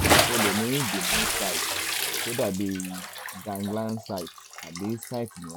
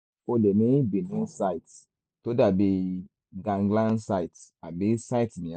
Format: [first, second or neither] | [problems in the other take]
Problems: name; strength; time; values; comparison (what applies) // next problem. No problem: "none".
second | background sound (Bathtub (filling or washing) / Splash, splatter); 4 dB above the speech